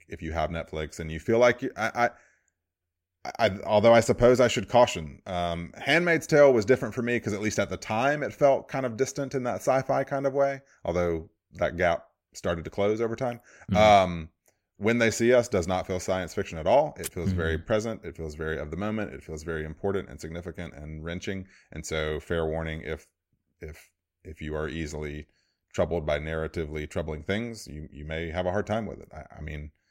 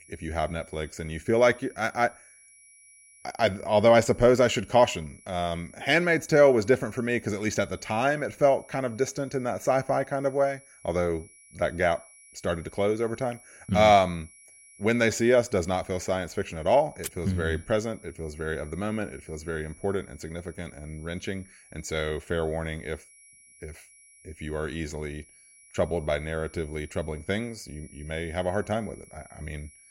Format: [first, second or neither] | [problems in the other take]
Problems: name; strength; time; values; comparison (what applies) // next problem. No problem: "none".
first | high-pitched whine; faint; throughout; 10.5 kHz, 25 dB below the speech